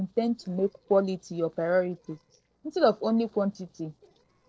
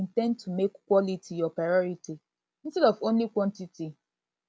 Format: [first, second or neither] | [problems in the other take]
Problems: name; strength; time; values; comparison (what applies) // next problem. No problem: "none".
second | noise reduction (neural separator model SepFormer DNS4)